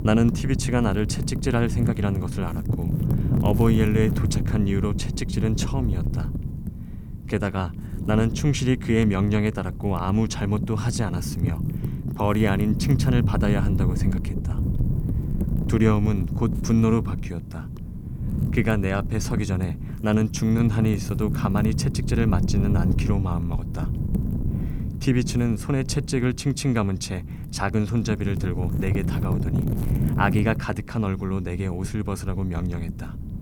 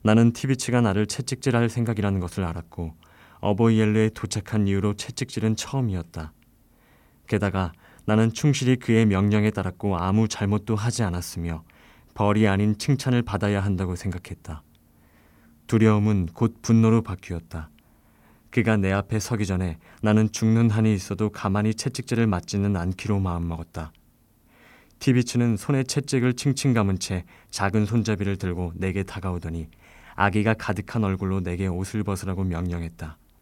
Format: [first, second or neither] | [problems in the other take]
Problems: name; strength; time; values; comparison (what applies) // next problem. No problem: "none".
second | wind noise on the microphone; heavy; 8 dB below the speech